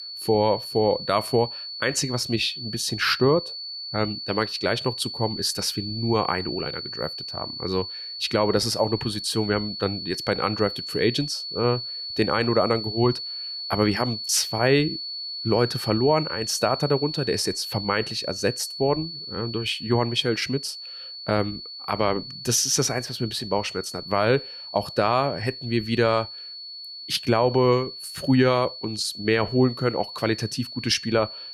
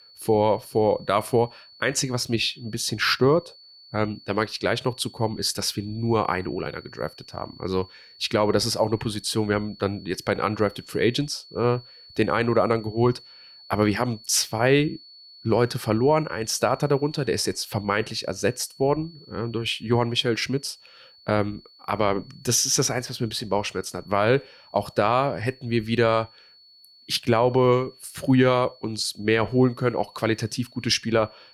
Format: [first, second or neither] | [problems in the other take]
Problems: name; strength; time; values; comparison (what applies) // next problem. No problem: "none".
second | high-pitched whine; loud; throughout; 4.5 kHz, 8 dB below the speech; faint in the second